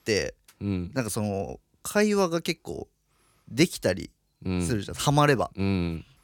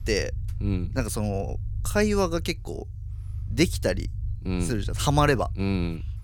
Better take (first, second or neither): first